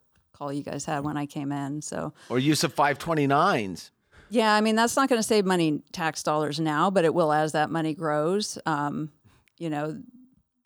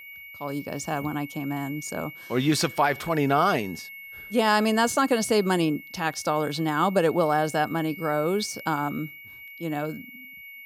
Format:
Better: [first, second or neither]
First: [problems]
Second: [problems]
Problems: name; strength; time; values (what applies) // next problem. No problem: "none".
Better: first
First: none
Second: high-pitched whine; noticeable; throughout; 2 kHz, 15 dB below the speech